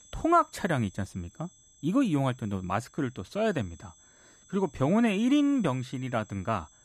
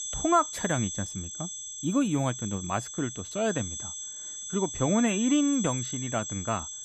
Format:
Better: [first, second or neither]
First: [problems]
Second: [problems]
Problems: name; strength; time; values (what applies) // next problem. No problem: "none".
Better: first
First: high-pitched whine; faint; throughout; 7.5 kHz, 25 dB below the speech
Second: high-pitched whine; loud; throughout; 7.5 kHz, 6 dB below the speech